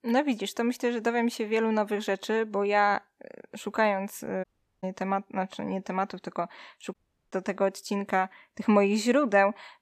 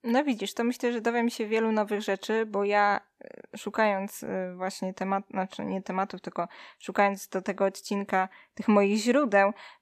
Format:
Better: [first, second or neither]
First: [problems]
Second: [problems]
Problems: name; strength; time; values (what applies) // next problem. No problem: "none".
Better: second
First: audio cutting out; at 4.5 s and at 7 s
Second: none